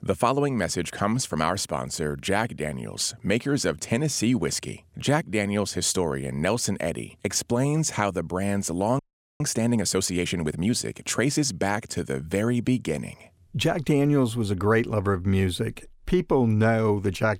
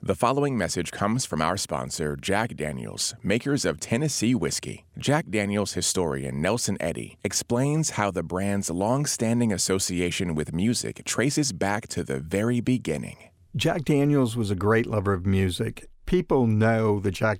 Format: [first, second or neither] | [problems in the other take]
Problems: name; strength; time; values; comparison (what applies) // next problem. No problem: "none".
second | audio freezing; at 9 s